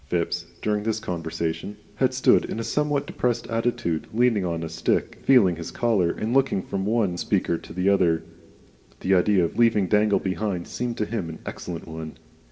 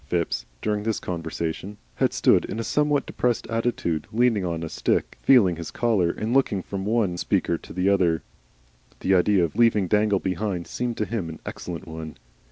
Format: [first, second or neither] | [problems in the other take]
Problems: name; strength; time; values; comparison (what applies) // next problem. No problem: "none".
second | room echo; dies away in 0.8 s